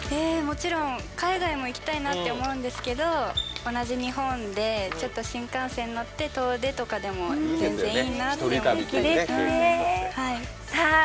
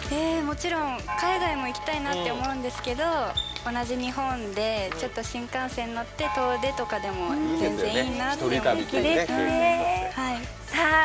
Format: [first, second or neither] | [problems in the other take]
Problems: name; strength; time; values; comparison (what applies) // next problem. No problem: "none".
first | background sound (Gong); 13 dB below the speech